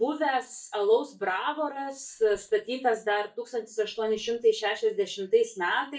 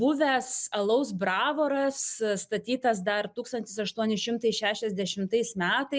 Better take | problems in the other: second | noise reduction (neural mask model DeepFilterNet 3)

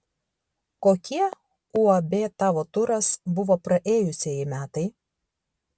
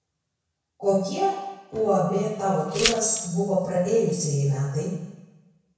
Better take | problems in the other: first | background sound (Glass); 4 dB below the speech // room echo; dies away in 1 s

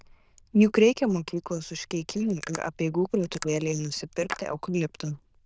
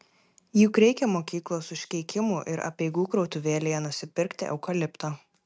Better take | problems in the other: second | noise reduction (neural diffusion model UNIVERSE++)

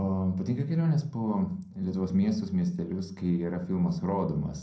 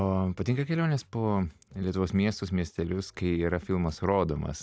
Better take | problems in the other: second | room echo; dies away in 0.5 s

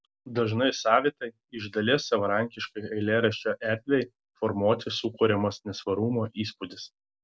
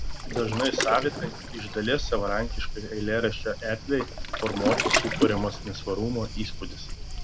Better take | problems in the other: first | background sound (Waves, surf); 2 dB below the speech

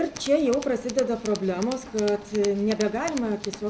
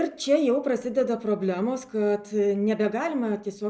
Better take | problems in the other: second | background sound (Tools); 15 dB below the speech

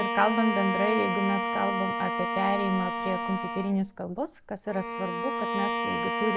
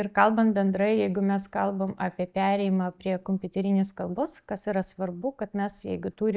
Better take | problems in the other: second | background sound (Bowed string instrument); 1 dB below the speech

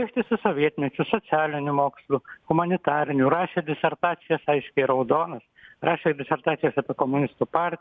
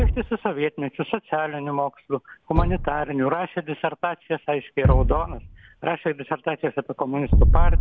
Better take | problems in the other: first | background sound (Thump, thud); 2 dB above the speech

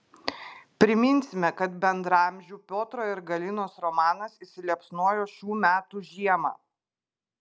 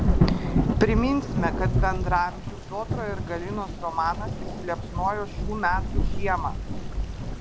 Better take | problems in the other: first | background sound (Thunder / Rain); 3 dB above the speech

